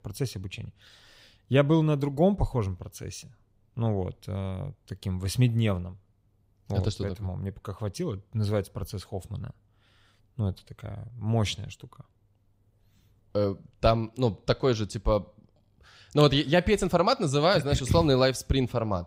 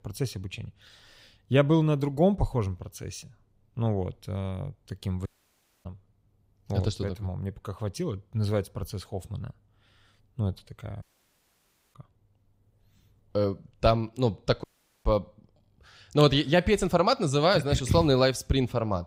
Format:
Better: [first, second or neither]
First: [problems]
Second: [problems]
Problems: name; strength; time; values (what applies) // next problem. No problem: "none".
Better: first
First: none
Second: audio cutting out; at 5.5 s for 0.5 s, at 11 s for 1 s and at 15 s